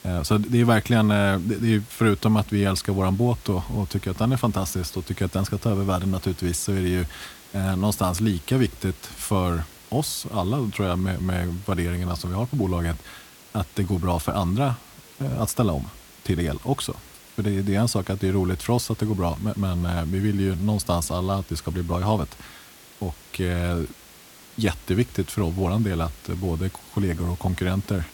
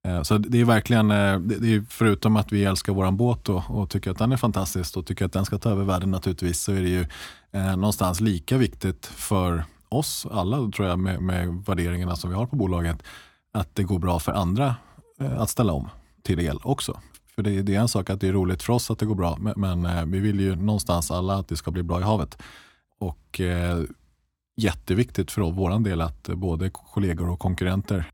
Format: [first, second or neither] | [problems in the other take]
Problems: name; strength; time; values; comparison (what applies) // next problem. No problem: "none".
second | hiss; faint; throughout; 20 dB below the speech